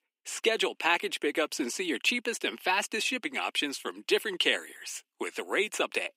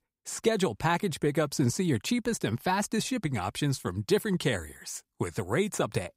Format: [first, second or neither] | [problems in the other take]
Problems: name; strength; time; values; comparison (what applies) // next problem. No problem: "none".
second | thin; somewhat; fading below 250 Hz